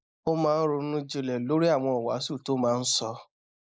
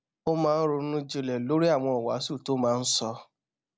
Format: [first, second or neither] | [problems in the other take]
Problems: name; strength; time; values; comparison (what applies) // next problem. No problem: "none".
second | noise reduction (neural mask model Resemble Enhance denoiser)